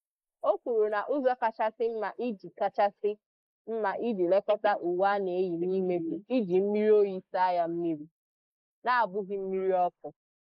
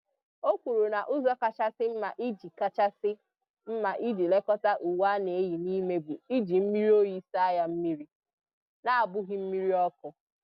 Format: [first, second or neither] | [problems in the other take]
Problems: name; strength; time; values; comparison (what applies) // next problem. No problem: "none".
second | noise reduction (neural mask model Resemble Enhance denoiser)